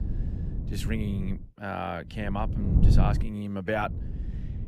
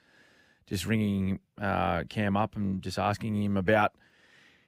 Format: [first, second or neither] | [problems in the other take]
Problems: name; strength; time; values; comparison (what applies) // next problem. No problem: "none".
second | wind noise on the microphone; heavy; until 1.5 s, from 2 to 3 s and at 4 s; 8 dB below the speech